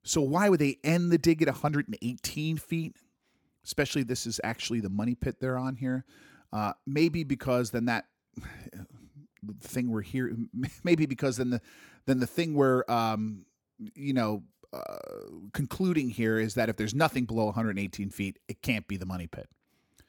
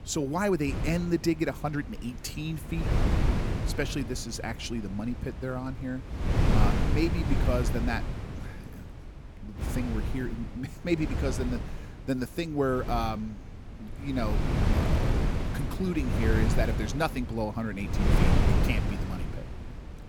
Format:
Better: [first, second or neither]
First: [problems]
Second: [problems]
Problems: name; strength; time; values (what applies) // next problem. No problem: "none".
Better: first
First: none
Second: wind noise on the microphone; heavy; 3 dB below the speech